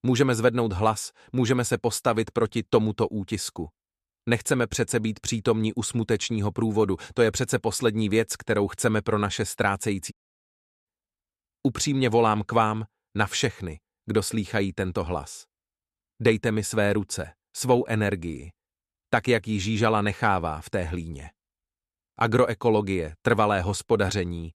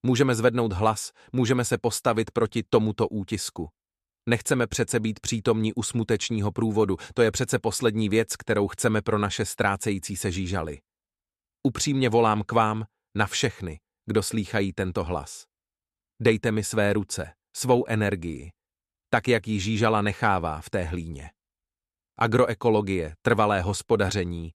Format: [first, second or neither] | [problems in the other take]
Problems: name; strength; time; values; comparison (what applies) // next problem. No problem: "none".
second | audio cutting out; at 10 s for 0.5 s